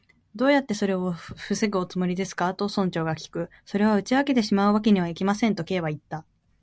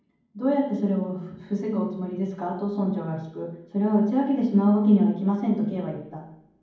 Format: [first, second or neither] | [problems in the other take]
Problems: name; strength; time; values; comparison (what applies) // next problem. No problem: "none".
first | room echo; dies away in 1.2 s